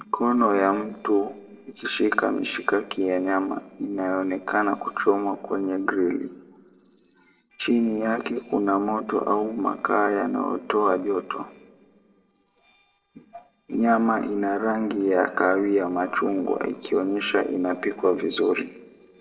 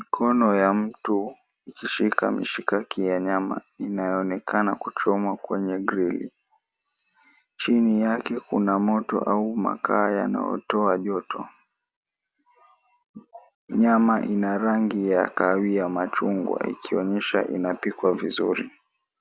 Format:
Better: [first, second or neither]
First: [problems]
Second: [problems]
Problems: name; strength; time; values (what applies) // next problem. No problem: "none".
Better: second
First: noise reduction (neural separator model SepFormer DNS4)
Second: none